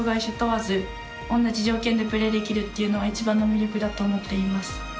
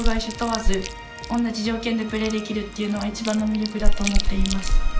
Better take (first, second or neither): first